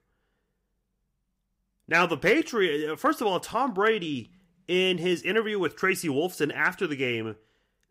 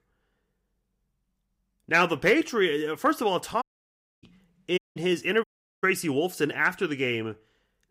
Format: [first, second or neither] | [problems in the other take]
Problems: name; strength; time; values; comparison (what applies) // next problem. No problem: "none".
first | audio cutting out; at 3.5 s for 0.5 s, at 5 s and at 5.5 s